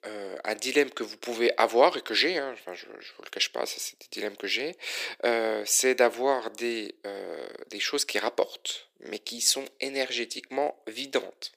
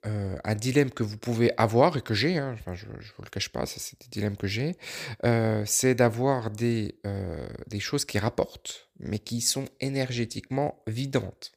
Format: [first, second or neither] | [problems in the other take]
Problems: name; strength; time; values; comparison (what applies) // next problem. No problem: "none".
second | thin; somewhat; fading below 350 Hz